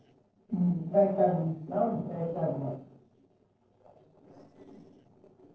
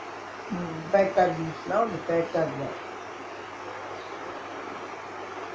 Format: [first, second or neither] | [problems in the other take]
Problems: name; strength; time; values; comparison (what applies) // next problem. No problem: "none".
second | noise reduction (neural separator model SepFormer DNS4)